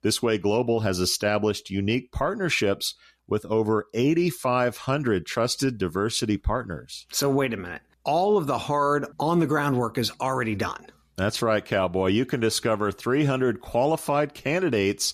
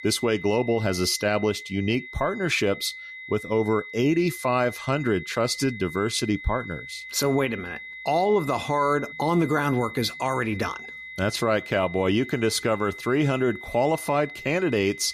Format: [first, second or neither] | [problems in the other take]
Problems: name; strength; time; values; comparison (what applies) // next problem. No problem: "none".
first | high-pitched whine; noticeable; throughout; 2 kHz, 15 dB below the speech